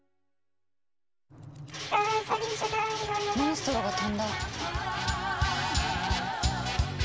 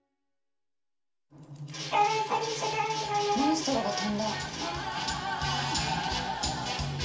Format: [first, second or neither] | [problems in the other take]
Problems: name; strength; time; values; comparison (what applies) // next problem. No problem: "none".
first | room echo; dies away in 0.4 s